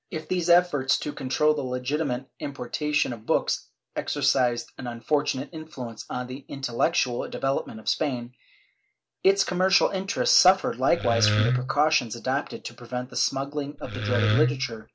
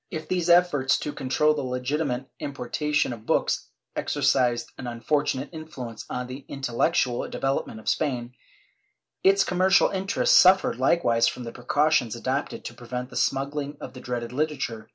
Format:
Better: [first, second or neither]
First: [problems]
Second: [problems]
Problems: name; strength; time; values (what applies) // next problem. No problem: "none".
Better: second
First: background sound (Wood); as loud as the speech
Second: none